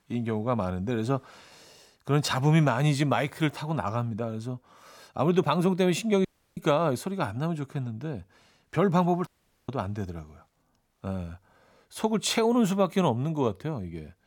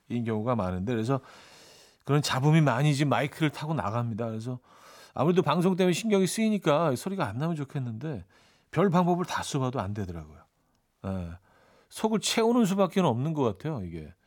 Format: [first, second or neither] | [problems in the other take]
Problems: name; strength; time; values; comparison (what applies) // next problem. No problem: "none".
second | audio cutting out; at 6.5 s and at 9.5 s